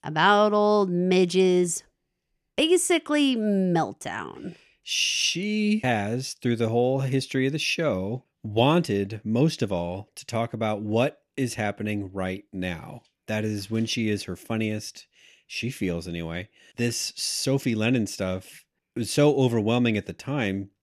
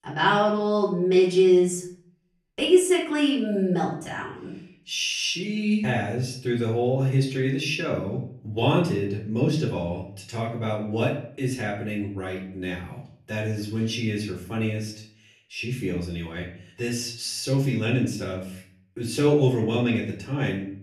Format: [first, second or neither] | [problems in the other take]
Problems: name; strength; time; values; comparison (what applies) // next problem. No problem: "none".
first | off-mic speech; far // room echo; slight; dies away in 0.5 s